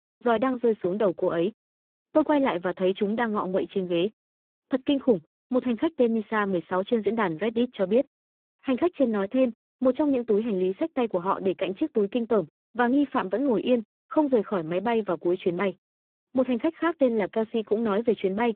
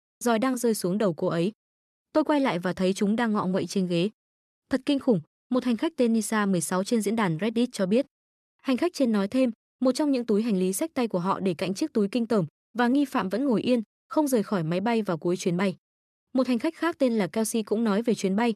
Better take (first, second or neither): second